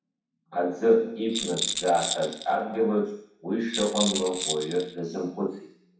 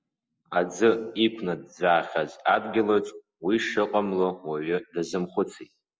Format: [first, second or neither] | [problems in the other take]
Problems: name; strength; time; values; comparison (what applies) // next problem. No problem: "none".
second | background sound (Rattle); 6 dB below the speech // room echo; dies away in 0.6 s